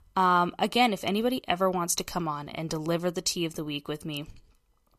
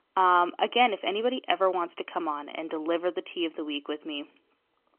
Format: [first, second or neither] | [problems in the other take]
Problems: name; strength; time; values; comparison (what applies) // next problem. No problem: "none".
first | phone-call audio; nothing above 3 kHz